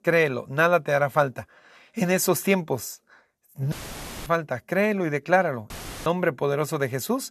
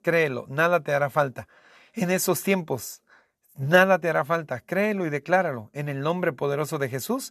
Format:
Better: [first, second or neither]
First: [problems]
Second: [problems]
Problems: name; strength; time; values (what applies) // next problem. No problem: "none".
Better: second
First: audio cutting out; filled with static; at 3.5 s for 0.5 s and at 5.5 s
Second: none